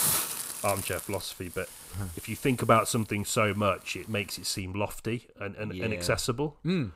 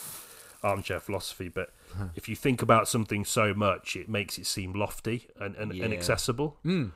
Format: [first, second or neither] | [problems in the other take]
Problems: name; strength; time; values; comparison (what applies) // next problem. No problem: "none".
second | hiss; loud; until 4.5 s; 5 dB below the speech; faint in the second